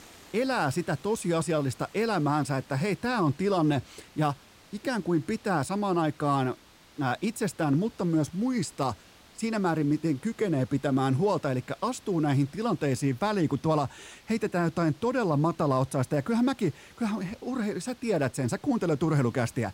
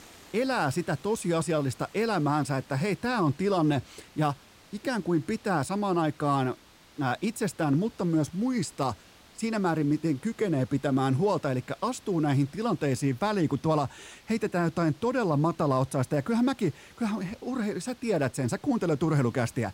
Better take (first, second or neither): neither